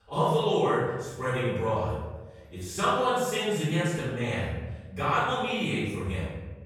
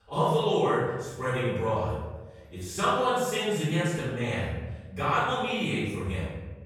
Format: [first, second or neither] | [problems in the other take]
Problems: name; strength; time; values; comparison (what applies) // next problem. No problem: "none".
neither | off-mic speech; far; the same in both // room echo; strong; dies away in 1.2 s; the same in both